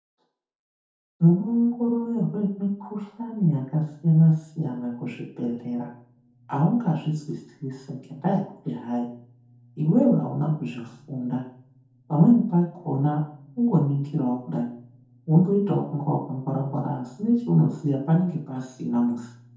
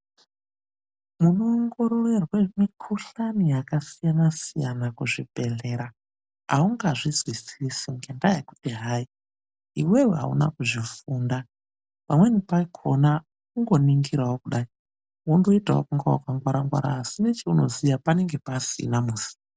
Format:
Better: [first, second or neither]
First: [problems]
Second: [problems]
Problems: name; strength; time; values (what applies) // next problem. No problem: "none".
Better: second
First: room echo; dies away in 0.6 s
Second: none